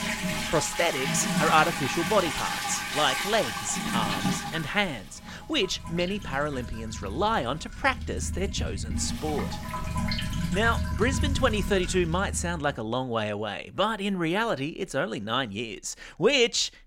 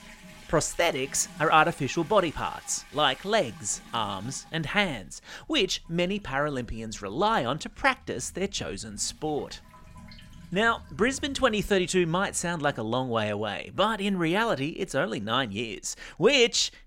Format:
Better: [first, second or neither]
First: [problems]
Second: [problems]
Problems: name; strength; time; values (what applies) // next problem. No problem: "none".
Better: second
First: household noises; loud; until 12 s; 3 dB below the speech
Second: household noises; faint; until 12 s; 20 dB below the speech